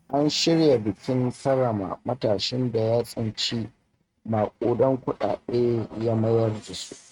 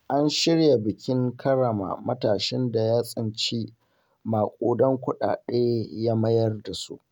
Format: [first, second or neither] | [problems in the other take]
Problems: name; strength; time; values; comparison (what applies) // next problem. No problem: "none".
second | noise reduction (neural mask model RNNoise)